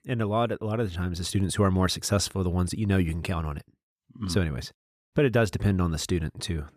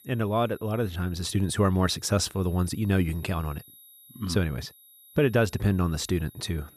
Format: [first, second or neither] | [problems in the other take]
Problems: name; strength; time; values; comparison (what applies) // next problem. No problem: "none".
first | high-pitched whine; faint; throughout; 12 kHz, 25 dB below the speech